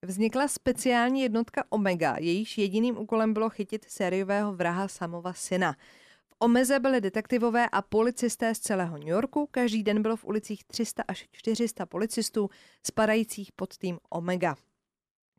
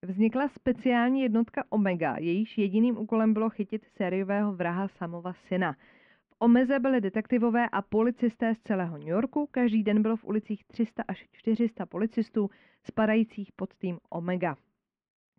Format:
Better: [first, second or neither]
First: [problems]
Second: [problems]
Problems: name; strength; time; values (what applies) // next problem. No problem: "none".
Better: first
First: none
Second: muffled; very; fading above 2.5 kHz